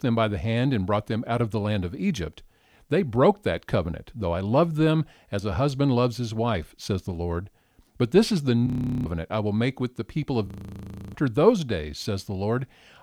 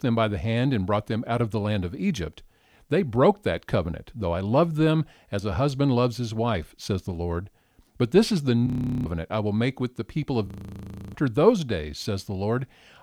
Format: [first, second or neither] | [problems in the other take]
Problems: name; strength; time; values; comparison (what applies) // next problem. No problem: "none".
neither | audio freezing; at 8.5 s and at 10 s for 0.5 s; the same in both